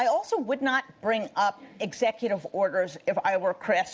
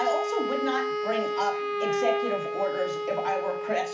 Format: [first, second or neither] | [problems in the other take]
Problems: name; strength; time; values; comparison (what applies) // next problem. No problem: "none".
first | background sound (Wind instrument, woodwind instrument); as loud as the speech // room echo; dies away in 0.4 s